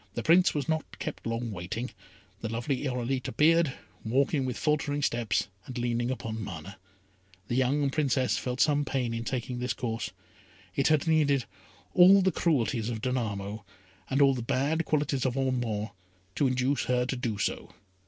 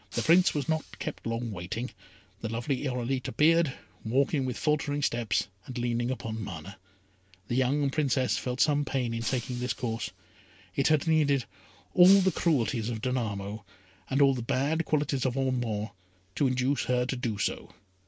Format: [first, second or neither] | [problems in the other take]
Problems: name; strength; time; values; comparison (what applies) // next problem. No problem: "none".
first | background sound (Shatter); 15 dB below the speech